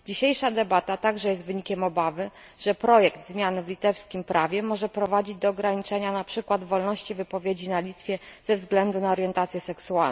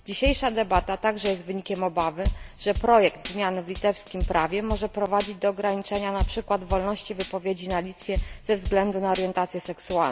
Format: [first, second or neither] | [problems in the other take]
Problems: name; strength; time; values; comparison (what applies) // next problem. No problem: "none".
first | background sound (Drum / Drum kit); 8 dB below the speech